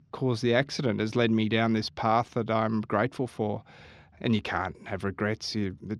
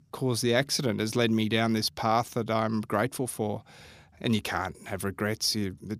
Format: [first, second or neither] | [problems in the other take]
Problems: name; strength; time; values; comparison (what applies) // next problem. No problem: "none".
second | muffled; very slightly; fading above 3.5 kHz